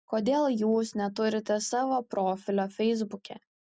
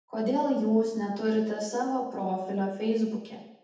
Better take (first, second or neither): first